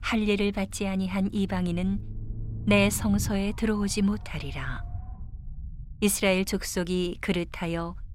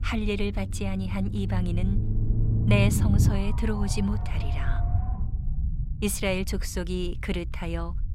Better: first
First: low rumble; faint; throughout; 20 dB below the speech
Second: low rumble; loud; throughout; 8 dB below the speech

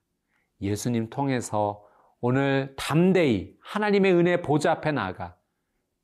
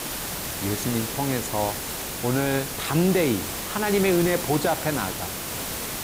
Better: first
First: none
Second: hiss; loud; throughout; 4 dB below the speech

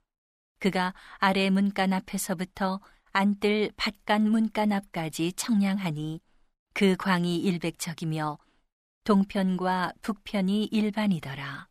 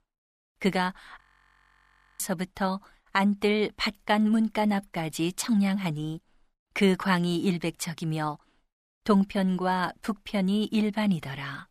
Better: first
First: none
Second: audio freezing; at 1 s for 1 s

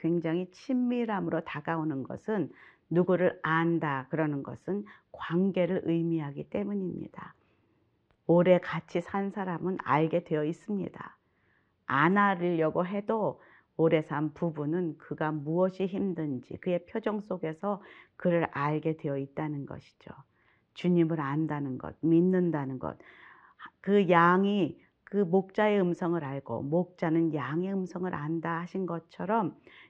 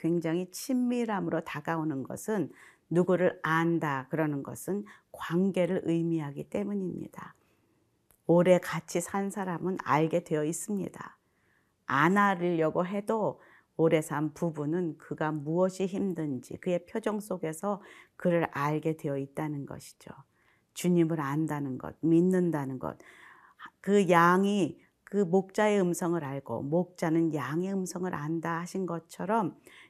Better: second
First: muffled; very; fading above 4 kHz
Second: none

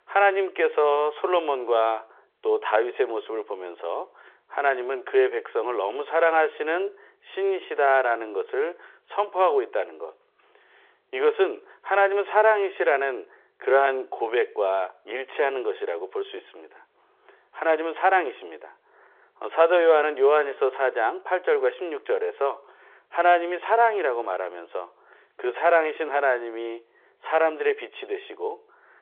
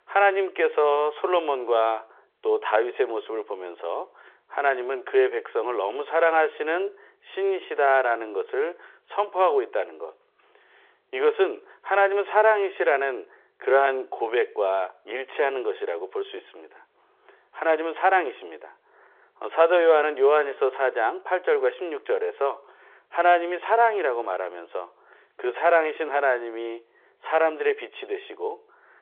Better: neither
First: phone-call audio; nothing above 3.5 kHz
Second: phone-call audio; nothing above 3.5 kHz

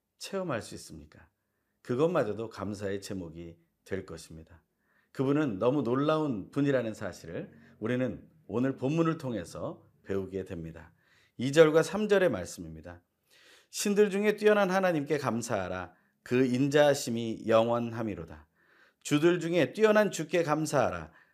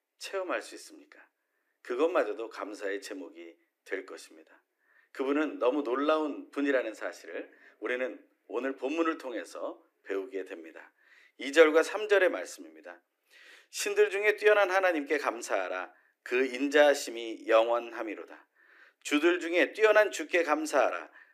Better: first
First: none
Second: thin; somewhat; fading below 300 Hz

